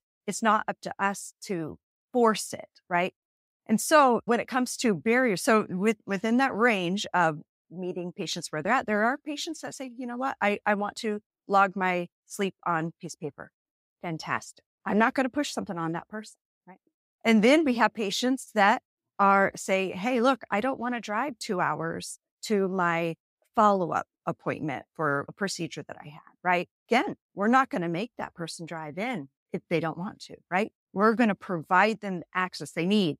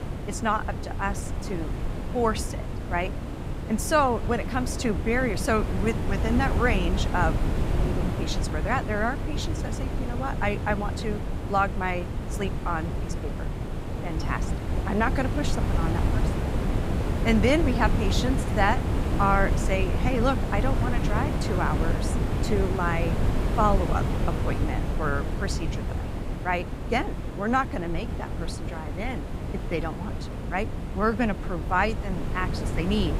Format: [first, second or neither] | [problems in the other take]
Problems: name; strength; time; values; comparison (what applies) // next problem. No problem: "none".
first | wind noise on the microphone; heavy; 8 dB below the speech